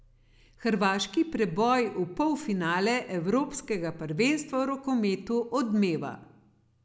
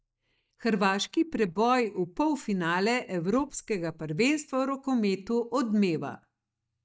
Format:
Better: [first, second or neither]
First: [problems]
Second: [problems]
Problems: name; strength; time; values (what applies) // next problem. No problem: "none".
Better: first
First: none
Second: noise reduction (neural mask model DeepFilterNet 3)